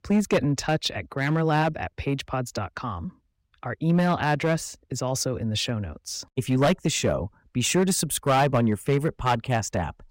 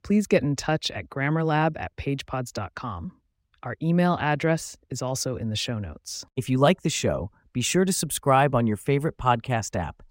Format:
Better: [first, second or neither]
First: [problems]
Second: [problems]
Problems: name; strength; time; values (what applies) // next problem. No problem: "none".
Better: second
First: distortion; slight; 4% of the sound clipped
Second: none